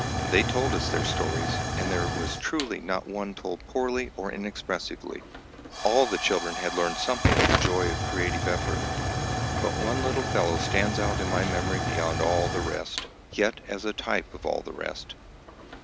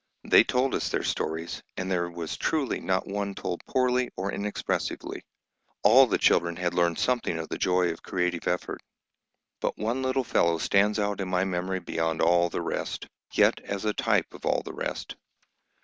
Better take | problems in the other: second | background sound (Tick / Hiss / Explosion / Fire); as loud as the speech

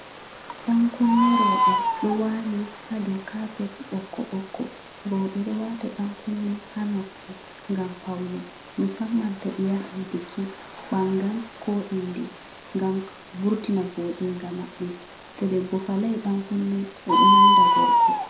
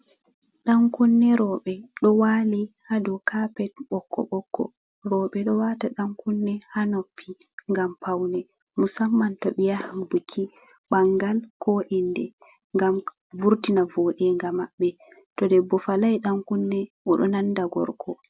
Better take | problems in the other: second | background sound (Bird); as loud as the speech // room echo; dies away in 0.4 s

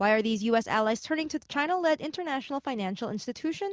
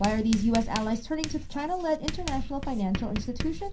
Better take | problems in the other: first | background sound (Writing); 5 dB below the speech // room echo; dies away in 0.3 s

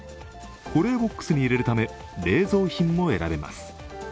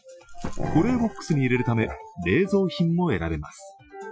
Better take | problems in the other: first | noise reduction (classical method Wiener filter)

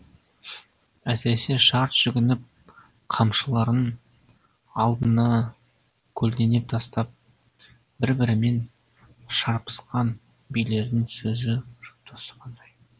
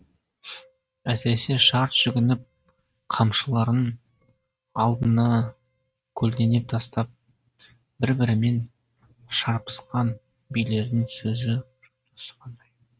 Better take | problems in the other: first | noise reduction (neural mask model RNNoise)

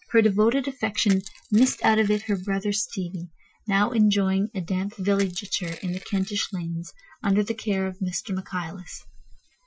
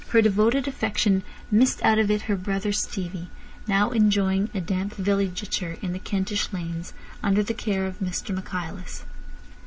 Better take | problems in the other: second | noise reduction (classical method Wiener filter)

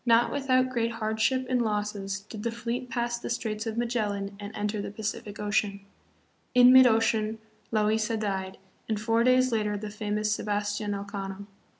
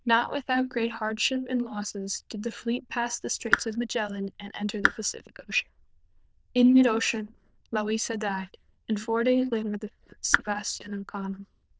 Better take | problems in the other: first | noise reduction (neural diffusion model UNIVERSE++)

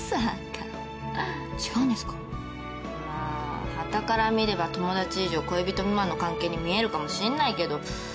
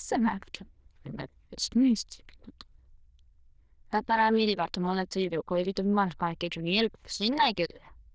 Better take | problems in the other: first | noise reduction (neural diffusion model UNIVERSE++)

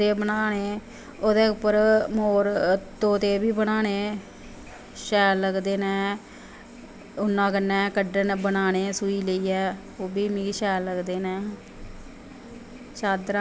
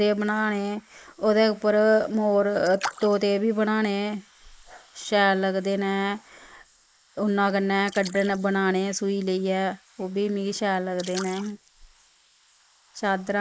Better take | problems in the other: first | noise reduction (neural mask model Resemble Enhance denoiser)

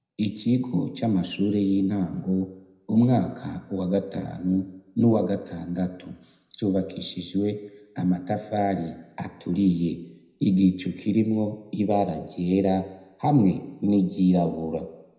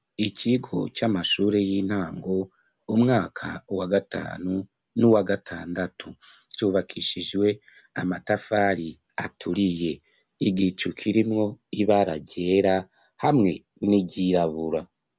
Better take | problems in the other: second | room echo; dies away in 0.8 s

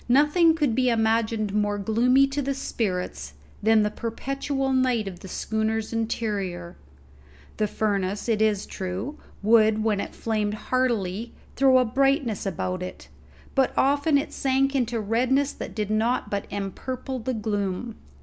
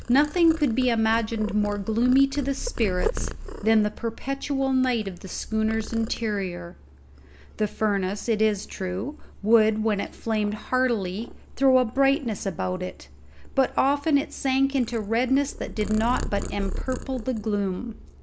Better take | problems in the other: first | background sound (Purr); 11 dB below the speech

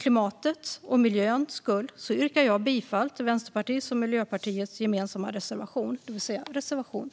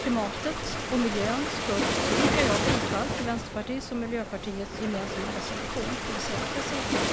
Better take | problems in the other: first | background sound (Waves, surf); 2 dB above the speech

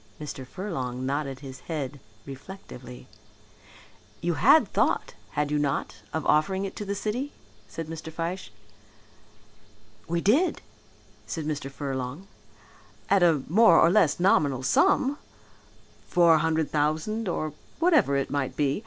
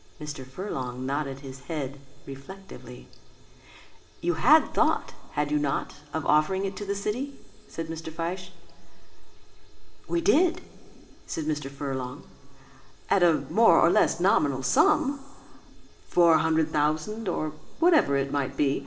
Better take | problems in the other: first | room echo; dies away in 2.7 s

